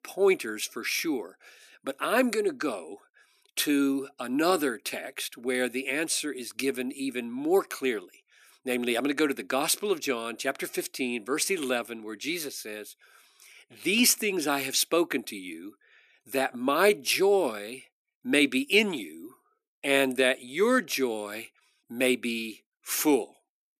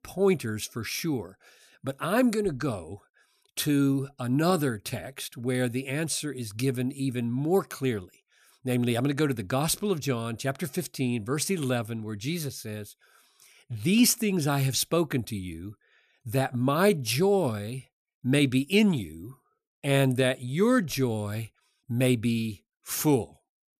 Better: second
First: thin; very slightly; fading below 300 Hz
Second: none

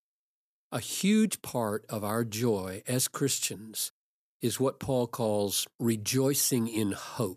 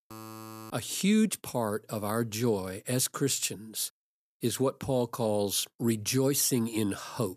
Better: first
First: none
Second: alarm; faint; at the start; peak 15 dB below the speech

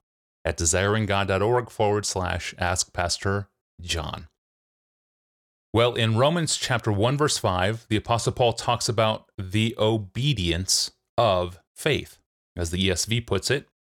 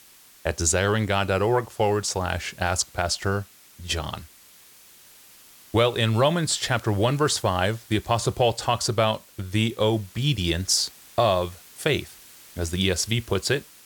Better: first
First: none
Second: hiss; faint; throughout; 25 dB below the speech

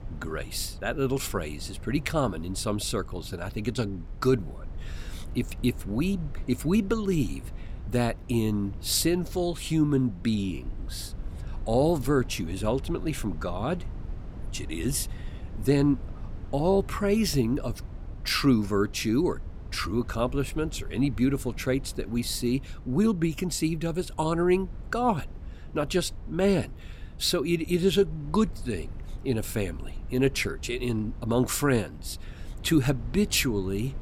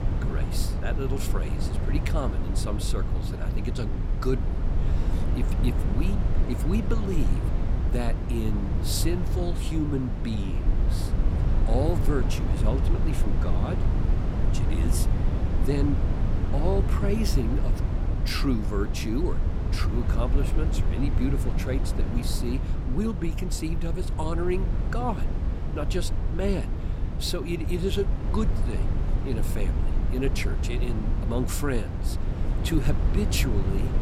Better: first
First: low rumble; faint; throughout; 20 dB below the speech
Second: low rumble; loud; throughout; 4 dB below the speech

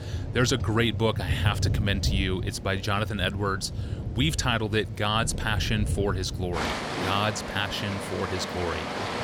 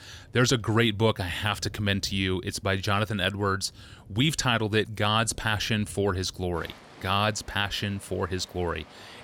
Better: second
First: rain or running water; loud; throughout; 4 dB below the speech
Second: rain or running water; faint; throughout; 25 dB below the speech

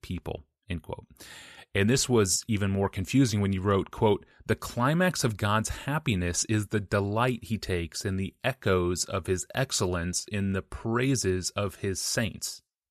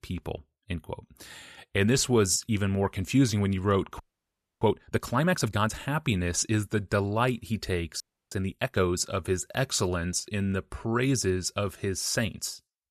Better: first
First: none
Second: audio freezing; at 4 s for 0.5 s and at 8 s

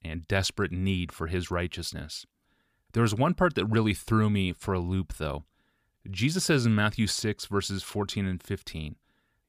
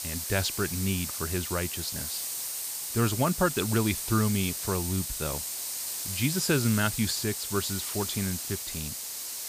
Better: first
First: none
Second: hiss; loud; throughout; 2 dB below the speech

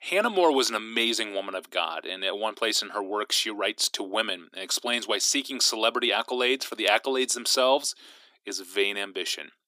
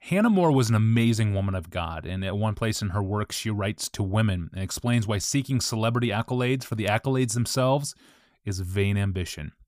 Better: second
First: thin; very; fading below 300 Hz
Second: none

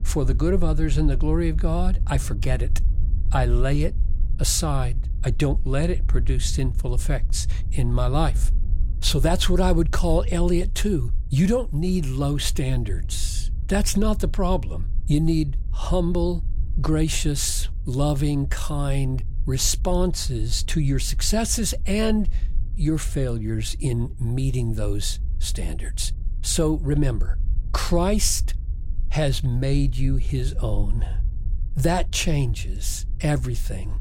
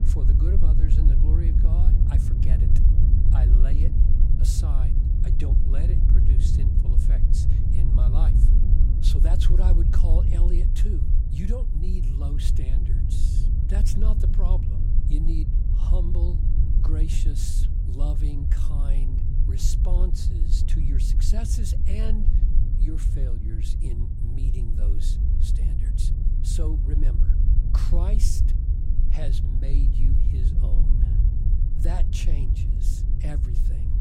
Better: first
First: low rumble; faint; throughout; 20 dB below the speech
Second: low rumble; loud; throughout; as loud as the speech

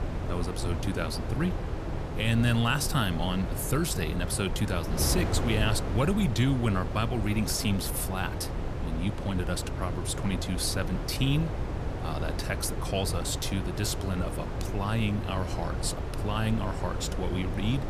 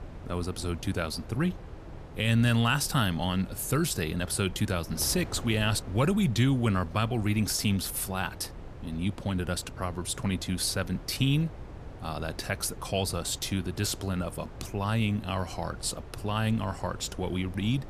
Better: second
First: wind noise on the microphone; heavy; 6 dB below the speech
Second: wind noise on the microphone; occasional gusts; 15 dB below the speech

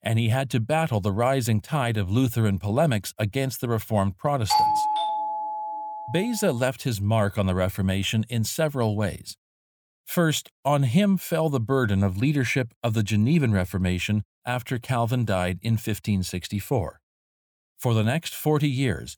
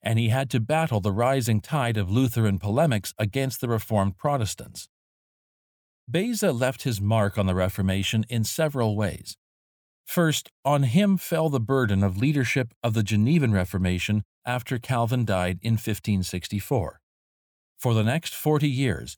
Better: second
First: doorbell; loud; from 4.5 to 6 s; peak 4 dB above the speech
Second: none

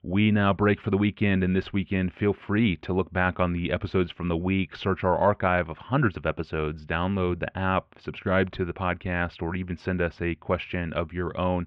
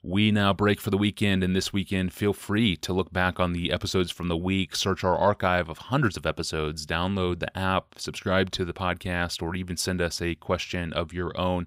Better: second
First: muffled; very; fading above 2.5 kHz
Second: none

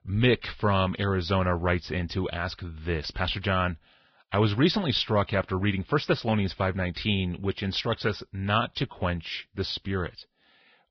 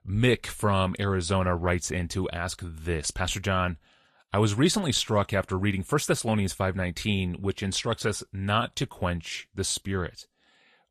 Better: second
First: garbled, watery; badly; nothing above 5.5 kHz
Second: garbled, watery; slightly; nothing above 12.5 kHz

